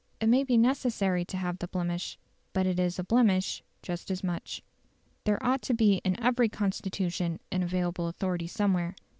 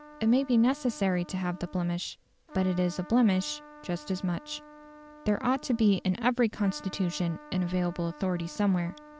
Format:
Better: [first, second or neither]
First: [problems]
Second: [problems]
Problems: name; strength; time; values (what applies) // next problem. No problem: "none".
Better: first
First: none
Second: background sound (Trumpet); 20 dB below the speech